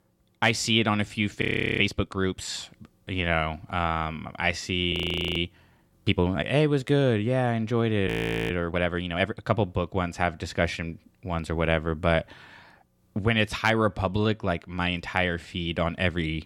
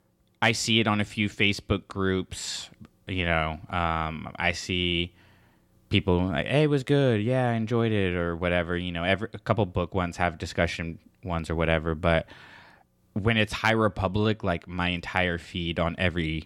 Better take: second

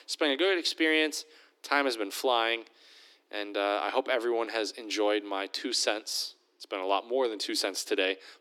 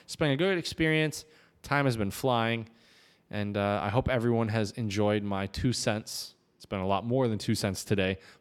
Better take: second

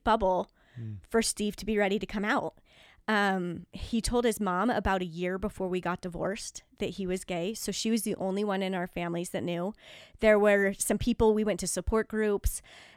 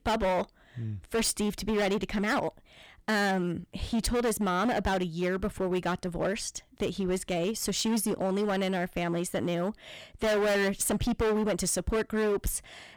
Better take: first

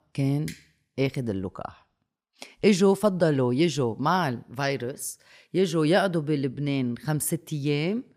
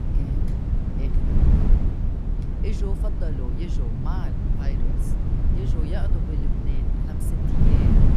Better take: first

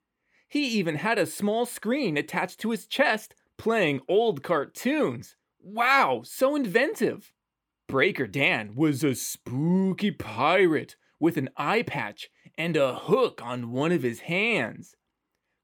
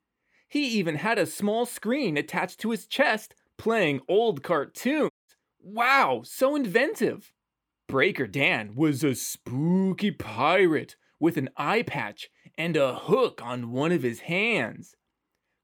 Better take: first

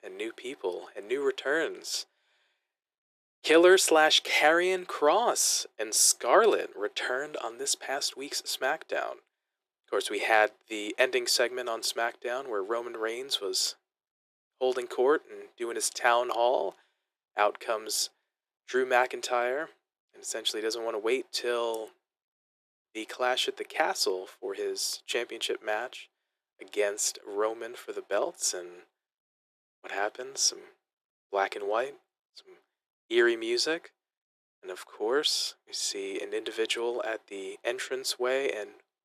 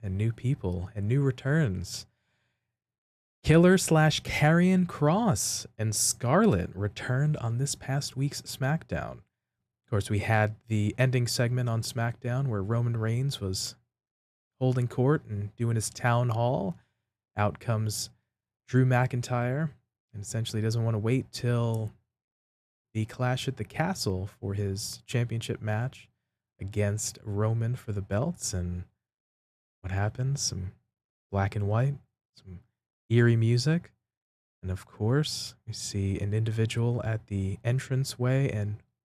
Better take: second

